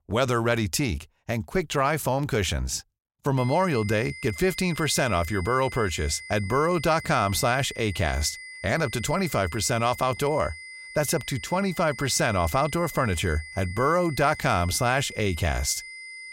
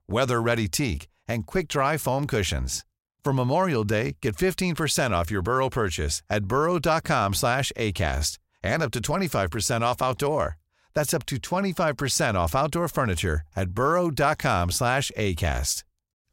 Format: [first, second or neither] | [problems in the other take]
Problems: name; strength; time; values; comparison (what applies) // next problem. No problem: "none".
second | high-pitched whine; noticeable; from 3.5 s on; 2 kHz, 15 dB below the speech